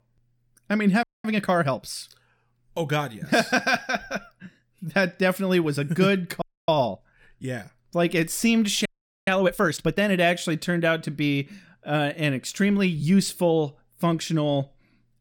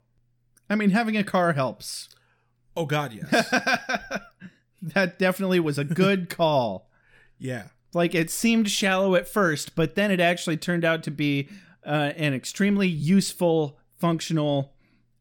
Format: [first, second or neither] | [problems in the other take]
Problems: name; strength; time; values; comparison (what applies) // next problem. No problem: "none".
second | audio freezing; at 1 s, at 6.5 s and at 9 s